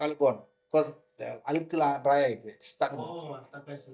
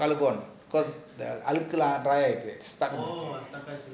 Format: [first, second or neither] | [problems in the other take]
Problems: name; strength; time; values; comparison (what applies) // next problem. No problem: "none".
second | noise reduction (neural mask model DeepFilterNet 3)